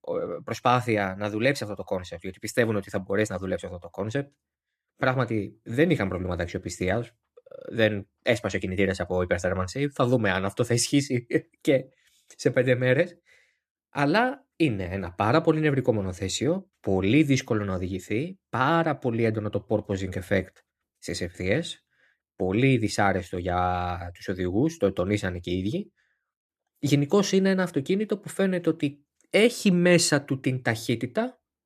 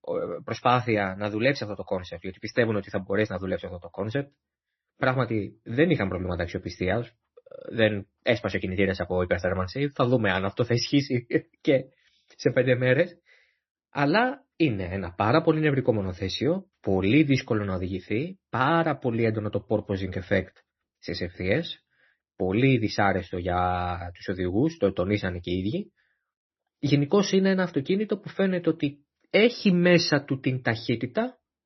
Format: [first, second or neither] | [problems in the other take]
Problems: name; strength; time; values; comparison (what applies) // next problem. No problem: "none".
first | garbled, watery; slightly; nothing above 6 kHz